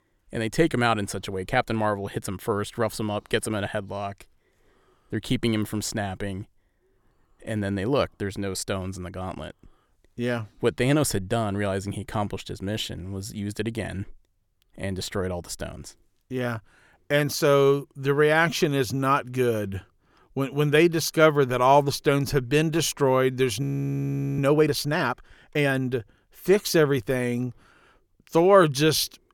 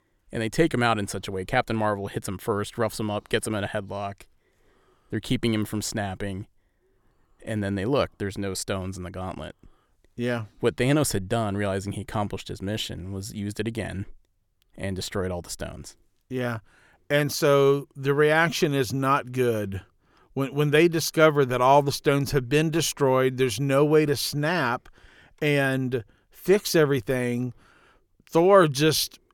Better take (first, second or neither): second